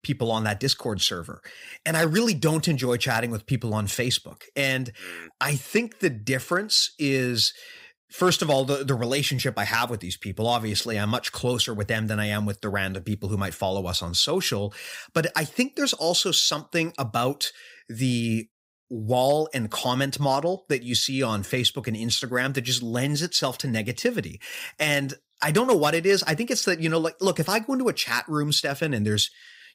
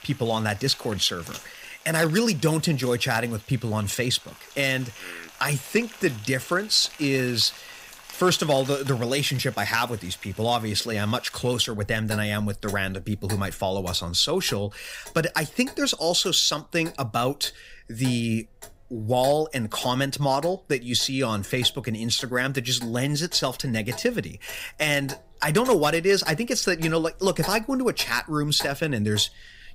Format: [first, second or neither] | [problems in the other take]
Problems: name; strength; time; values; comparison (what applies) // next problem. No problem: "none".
first | household noises; noticeable; throughout; 20 dB below the speech